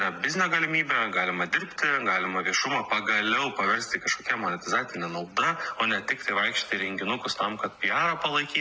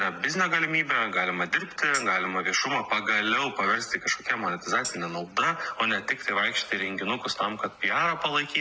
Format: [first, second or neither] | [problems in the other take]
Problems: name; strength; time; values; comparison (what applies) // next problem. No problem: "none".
first | background sound (Tambourine); 14 dB below the speech